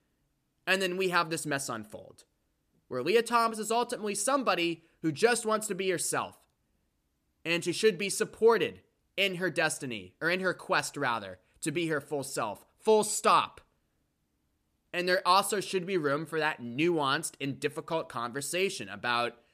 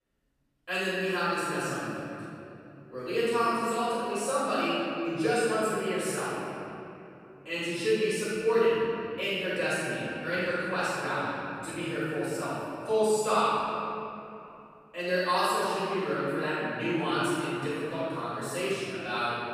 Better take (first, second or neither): first